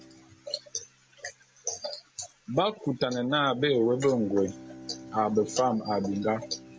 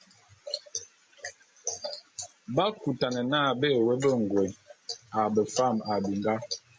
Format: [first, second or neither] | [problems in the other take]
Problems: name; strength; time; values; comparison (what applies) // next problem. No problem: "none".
second | background sound (Bowed string instrument); 19 dB below the speech